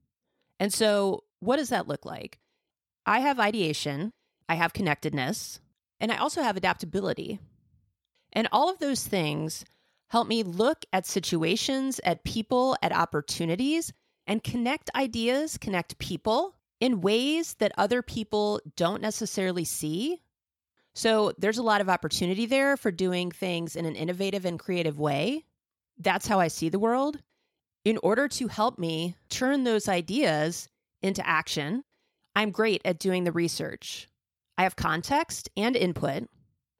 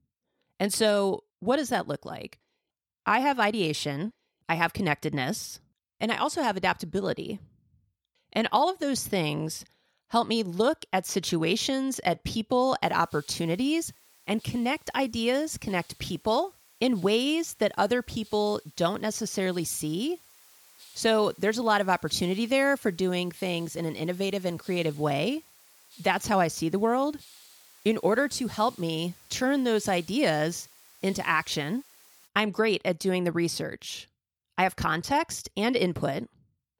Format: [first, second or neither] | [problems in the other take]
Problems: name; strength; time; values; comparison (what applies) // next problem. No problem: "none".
first | hiss; faint; from 13 to 32 s; 25 dB below the speech